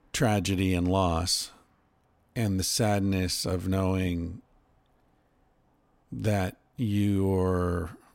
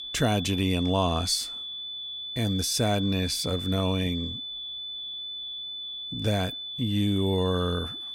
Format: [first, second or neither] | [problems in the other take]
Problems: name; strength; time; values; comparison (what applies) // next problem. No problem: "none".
first | high-pitched whine; loud; throughout; 3.5 kHz, 6 dB below the speech